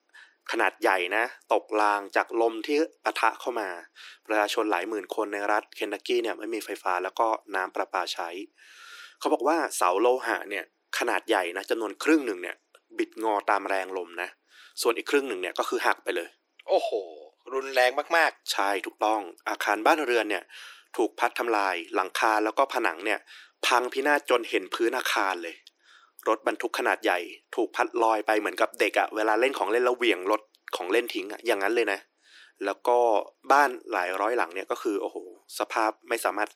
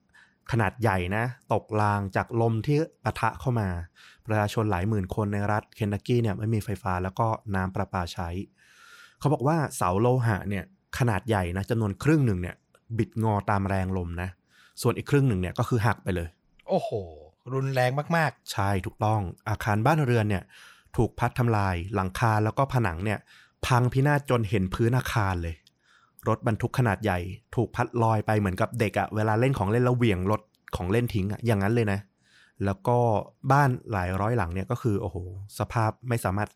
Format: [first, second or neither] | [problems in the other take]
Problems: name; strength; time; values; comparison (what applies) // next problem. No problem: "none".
second | thin; very; fading below 300 Hz